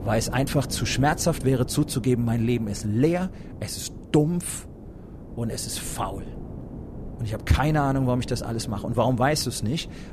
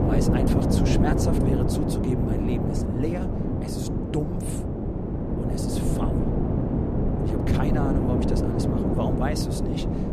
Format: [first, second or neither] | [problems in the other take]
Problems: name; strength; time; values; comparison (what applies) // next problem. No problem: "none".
first | wind noise on the microphone; heavy; 4 dB above the speech; occasional gusts in the first